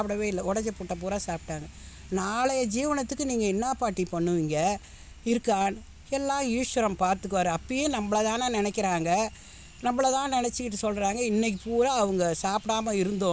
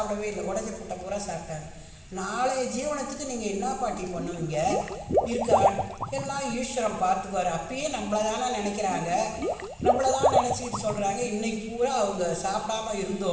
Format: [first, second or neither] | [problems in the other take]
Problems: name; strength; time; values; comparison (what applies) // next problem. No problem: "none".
first | background sound (Water / Liquid); 1 dB below the speech // room echo; dies away in 1.2 s